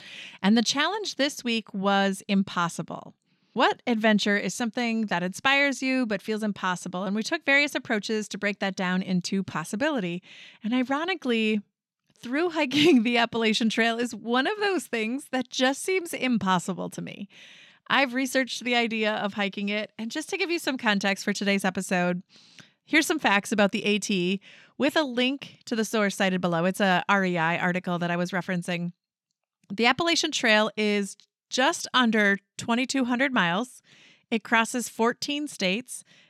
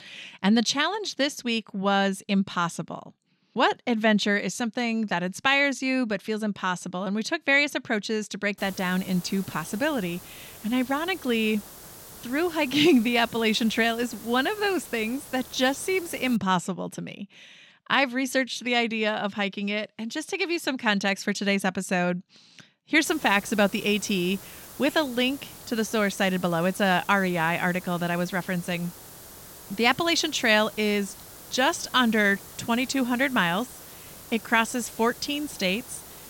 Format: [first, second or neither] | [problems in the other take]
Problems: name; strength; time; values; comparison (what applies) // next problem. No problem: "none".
first | hiss; noticeable; from 8.5 to 16 s and from 23 s on; 15 dB below the speech